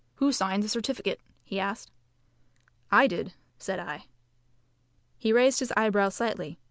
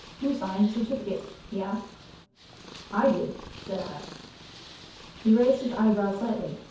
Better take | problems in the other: first | background sound (Purr); 17 dB below the speech // room echo; dies away in 0.6 s

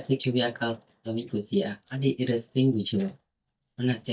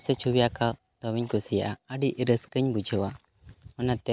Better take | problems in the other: second | noise reduction (neural mask model DeepFilterNet 3)

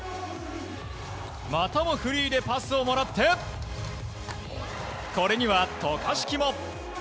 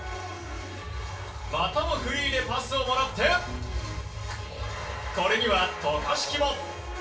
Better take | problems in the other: first | background sound (Piano); 15 dB below the speech // room echo; dies away in 0.3 s

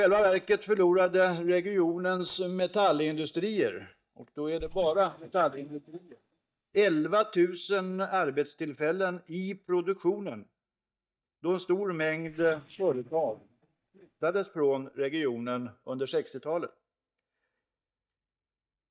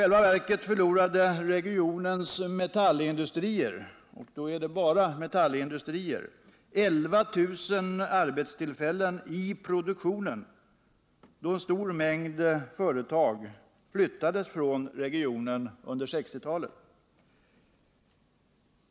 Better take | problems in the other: second | noise reduction (neural mask model DeepFilterNet 3)

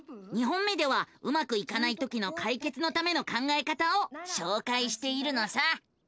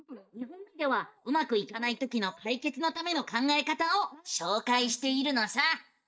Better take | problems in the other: first | noise reduction (neural mask model DeepFilterNet 3)

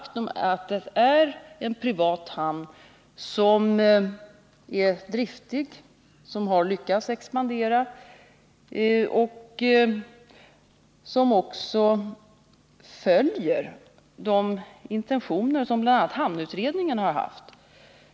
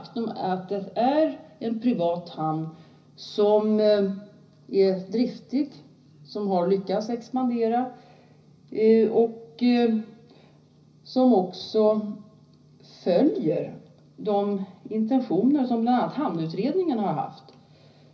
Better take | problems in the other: first | room echo; dies away in 0.5 s

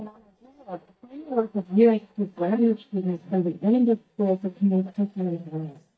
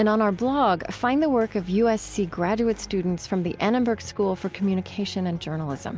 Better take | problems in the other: second | noise reduction (neural mask model DeepFilterNet 3)

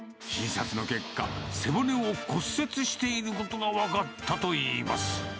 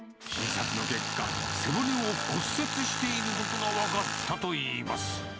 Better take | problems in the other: first | background sound (Tools); 2 dB below the speech

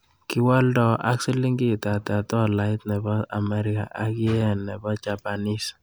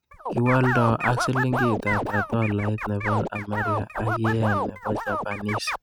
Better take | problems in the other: first | noise reduction (neural mask model RNNoise)

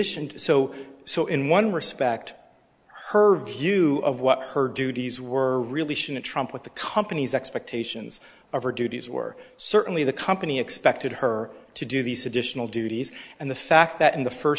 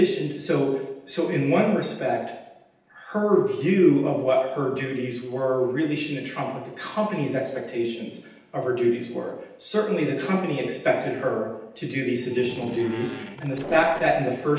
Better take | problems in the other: first | noise reduction (neural separator model SepFormer DNS4)

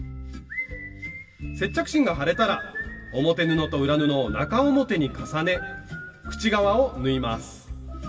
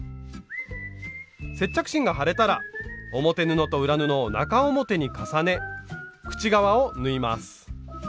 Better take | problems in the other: second | room echo; dies away in 2.1 s

